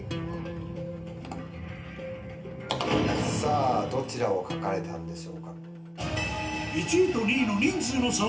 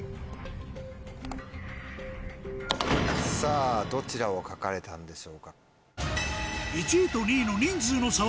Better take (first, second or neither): second